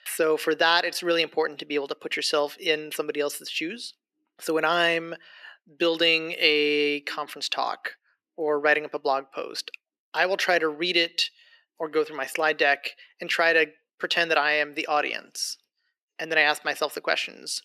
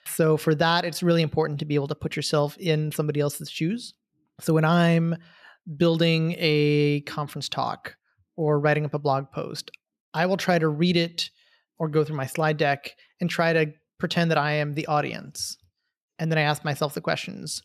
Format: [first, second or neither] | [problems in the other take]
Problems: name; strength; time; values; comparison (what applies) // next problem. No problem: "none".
second | thin; very; fading below 300 Hz